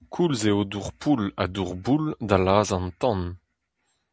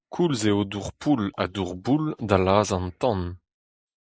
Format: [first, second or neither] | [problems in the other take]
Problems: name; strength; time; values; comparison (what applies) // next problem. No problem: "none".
first | noise reduction (neural mask model Resemble Enhance denoiser)